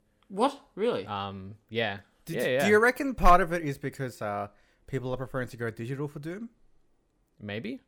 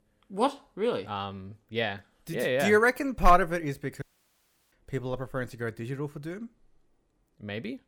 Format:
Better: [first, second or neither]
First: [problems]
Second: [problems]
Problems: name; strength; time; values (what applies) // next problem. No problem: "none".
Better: first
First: none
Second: audio cutting out; at 4 s for 0.5 s